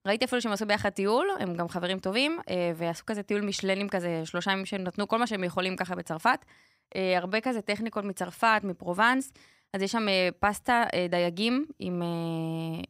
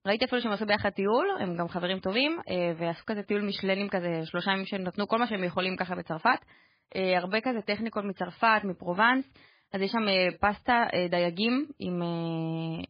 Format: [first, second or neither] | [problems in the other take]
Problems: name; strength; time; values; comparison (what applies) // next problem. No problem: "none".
first | garbled, watery; badly; nothing above 4.5 kHz